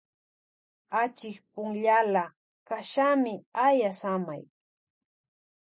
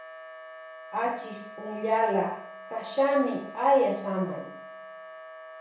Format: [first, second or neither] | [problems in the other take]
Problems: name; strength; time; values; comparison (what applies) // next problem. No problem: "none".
first | background sound (Wind instrument, woodwind instrument); 15 dB below the speech // room echo; dies away in 0.7 s